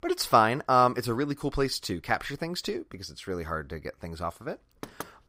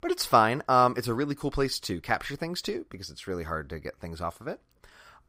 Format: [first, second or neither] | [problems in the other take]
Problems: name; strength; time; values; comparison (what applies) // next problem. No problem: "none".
second | door banging; faint; at 5 s; peak 15 dB below the speech